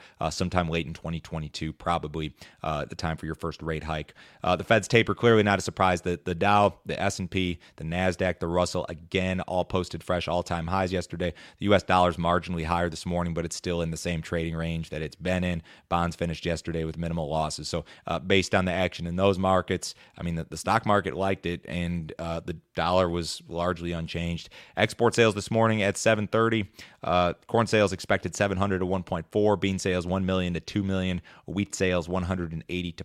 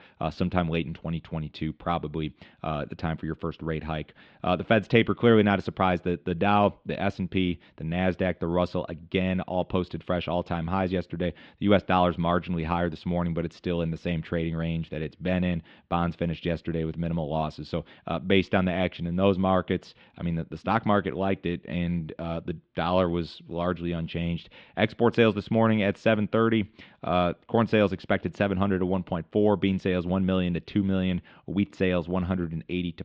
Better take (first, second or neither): first